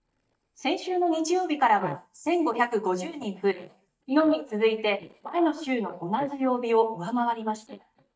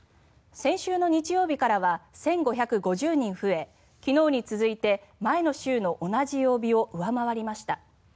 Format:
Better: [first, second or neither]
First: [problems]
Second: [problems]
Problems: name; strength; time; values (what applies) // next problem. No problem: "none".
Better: second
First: noise reduction (neural mask model DeepFilterNet 3)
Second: none